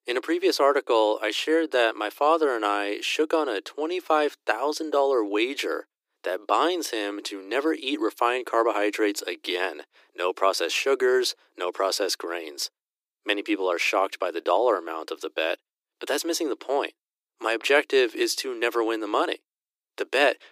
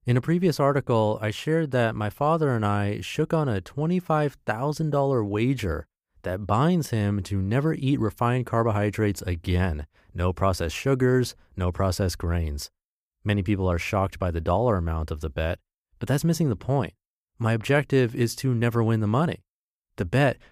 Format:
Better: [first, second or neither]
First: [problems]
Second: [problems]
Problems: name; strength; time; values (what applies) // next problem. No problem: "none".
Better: second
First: thin; very; fading below 300 Hz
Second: none